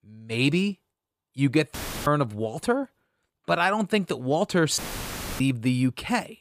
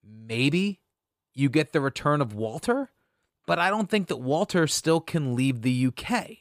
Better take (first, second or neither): second